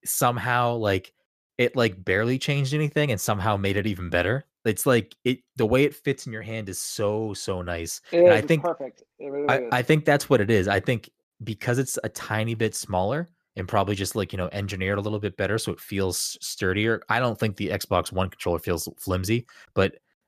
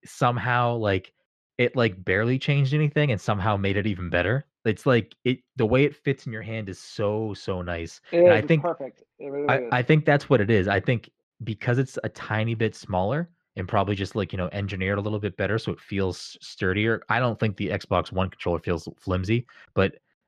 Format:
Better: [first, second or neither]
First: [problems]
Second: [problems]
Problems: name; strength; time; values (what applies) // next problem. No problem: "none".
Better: first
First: none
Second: muffled; slightly; fading above 3 kHz